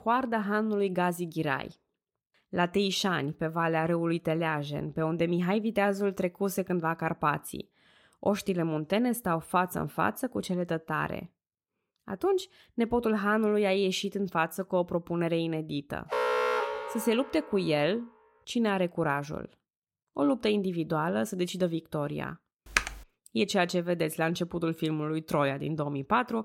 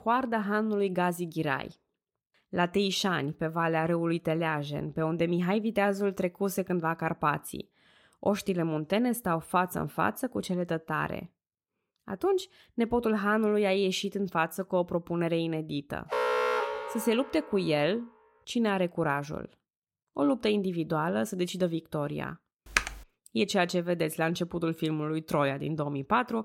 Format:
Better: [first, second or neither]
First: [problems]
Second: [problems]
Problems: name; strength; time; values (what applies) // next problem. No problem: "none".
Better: neither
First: alarm; loud; from 16 to 17 s; peak 2 dB above the speech // keyboard typing; loud; at 23 s; peak level with the speech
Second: alarm; loud; from 16 to 17 s; peak 2 dB above the speech // keyboard typing; loud; at 23 s; peak level with the speech